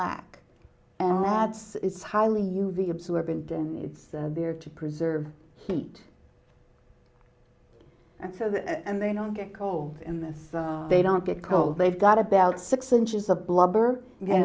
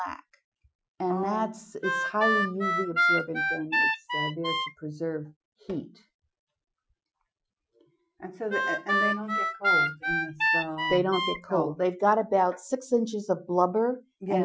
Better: first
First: none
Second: noise reduction (classical method Wiener filter)

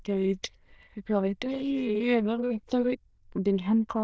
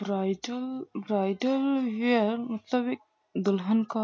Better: second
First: noise reduction (neural diffusion model UNIVERSE++)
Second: none

